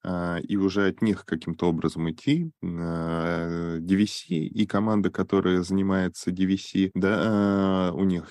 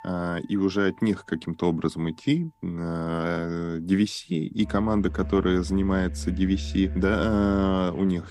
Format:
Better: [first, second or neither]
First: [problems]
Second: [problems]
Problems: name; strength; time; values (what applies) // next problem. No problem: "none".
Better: first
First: none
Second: background music; loud; throughout; 10 dB below the speech